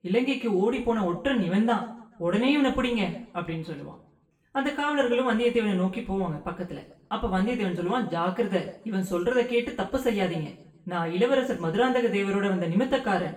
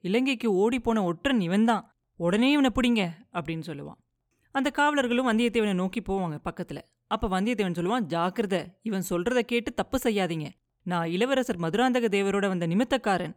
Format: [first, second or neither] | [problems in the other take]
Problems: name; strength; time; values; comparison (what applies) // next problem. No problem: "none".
second | room echo; slight; dies away in 0.6 s // off-mic speech; far